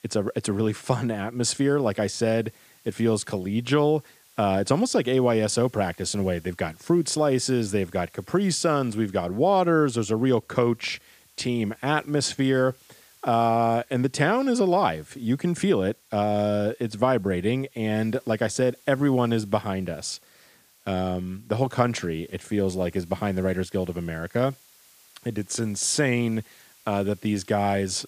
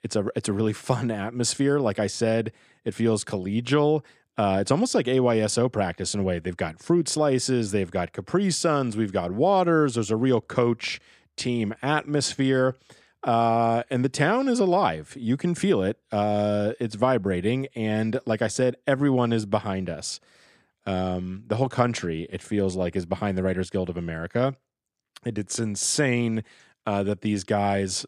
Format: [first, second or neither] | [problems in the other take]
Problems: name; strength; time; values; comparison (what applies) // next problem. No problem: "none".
second | hiss; faint; throughout; 30 dB below the speech